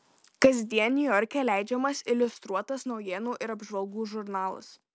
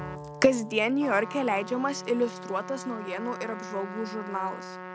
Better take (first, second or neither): first